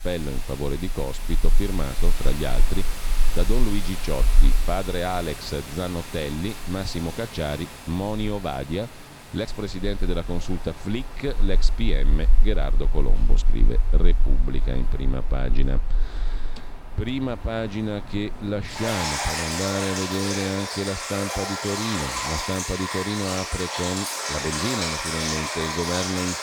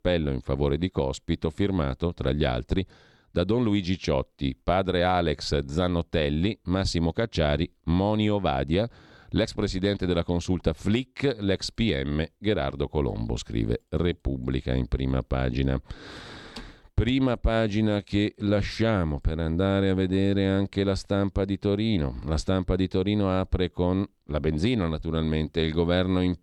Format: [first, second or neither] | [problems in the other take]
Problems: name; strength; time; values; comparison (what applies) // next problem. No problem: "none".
second | rain or running water; very loud; throughout; 2 dB above the speech